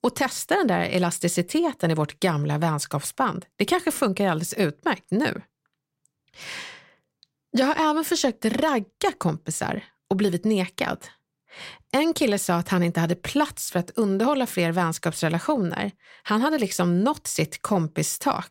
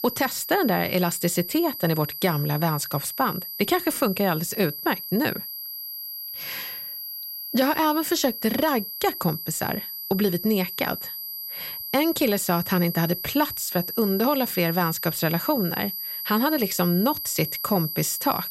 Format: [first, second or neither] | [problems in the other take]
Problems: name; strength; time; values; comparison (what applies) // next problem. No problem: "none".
first | high-pitched whine; loud; throughout; 12 kHz, 6 dB below the speech